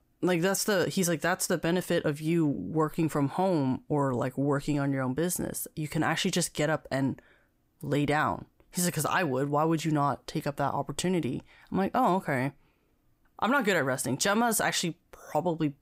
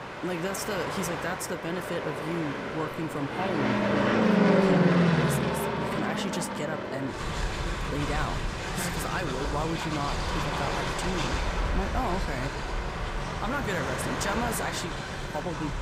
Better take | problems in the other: first | train or aircraft noise; very loud; throughout; 5 dB above the speech

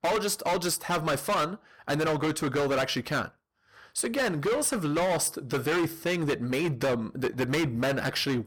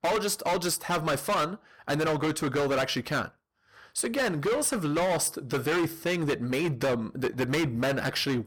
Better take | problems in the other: neither | distortion; heavy; 20% of the sound clipped; the same in both

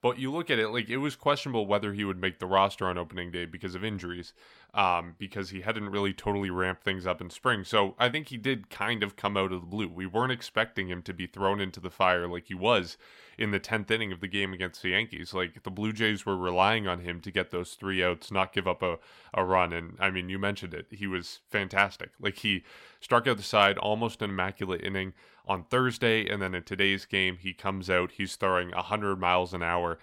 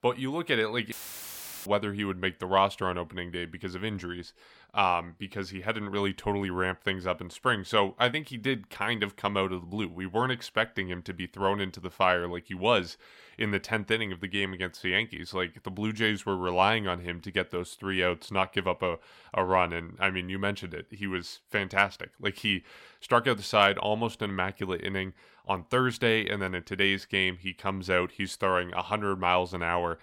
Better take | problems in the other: first | audio cutting out; filled with static; at 1 s for 0.5 s

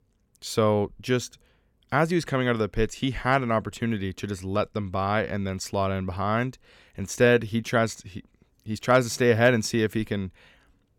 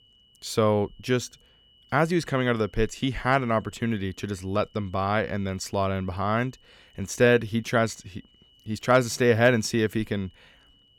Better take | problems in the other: first | high-pitched whine; faint; throughout; 3 kHz, 30 dB below the speech

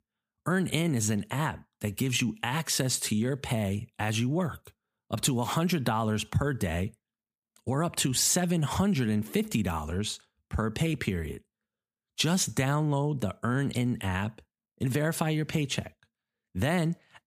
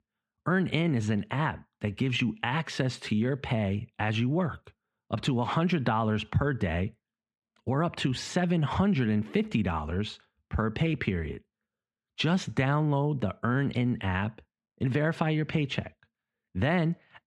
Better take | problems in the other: first | muffled; slightly; fading above 2.5 kHz

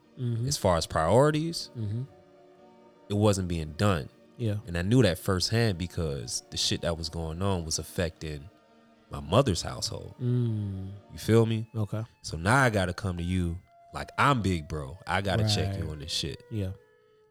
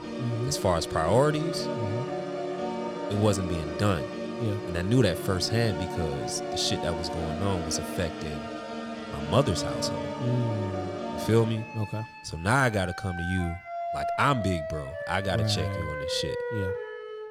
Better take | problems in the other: first | background music; loud; throughout; 5 dB below the speech; faint in the first

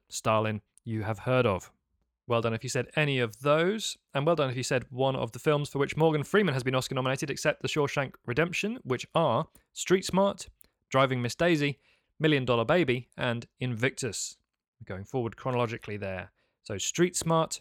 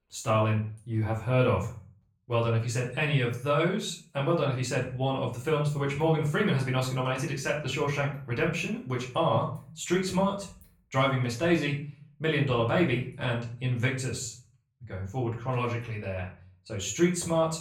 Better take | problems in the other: first | room echo; slight; dies away in 0.4 s // off-mic speech; far

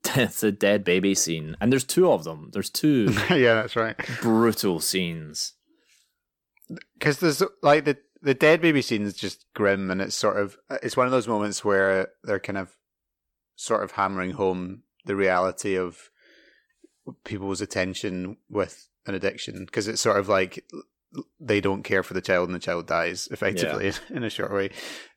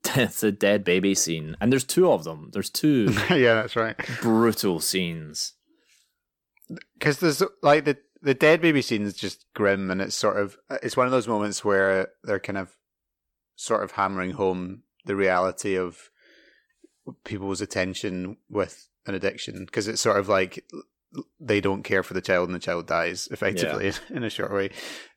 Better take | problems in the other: neither | none

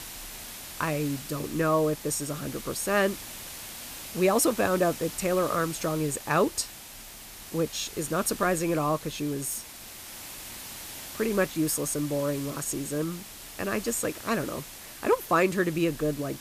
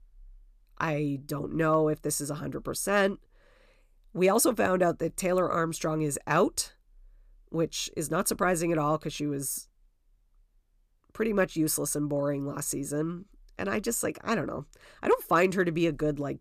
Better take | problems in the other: second | hiss; noticeable; throughout; 10 dB below the speech

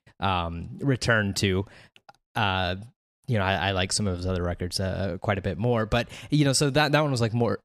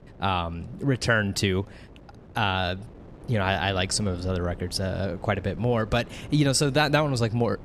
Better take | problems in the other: first | wind noise on the microphone; occasional gusts; 25 dB below the speech

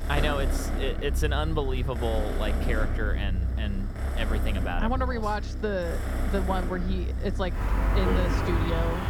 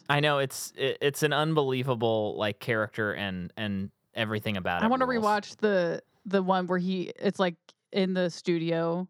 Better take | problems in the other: second | animal sounds; very loud; throughout; 2 dB above the speech

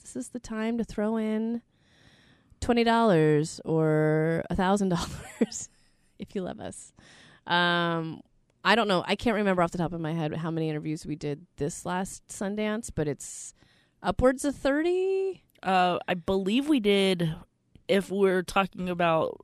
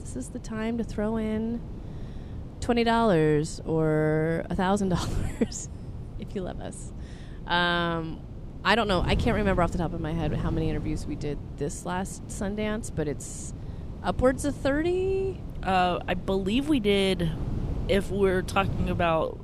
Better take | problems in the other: first | wind noise on the microphone; occasional gusts; 20 dB below the speech

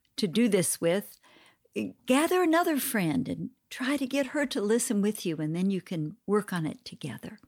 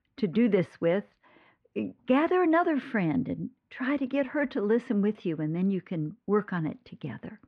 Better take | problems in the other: first | muffled; very; fading above 2 kHz

